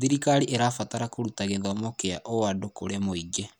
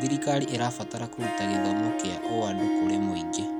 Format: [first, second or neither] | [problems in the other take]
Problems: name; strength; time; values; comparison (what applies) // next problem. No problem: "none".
first | background sound (Harp); 2 dB above the speech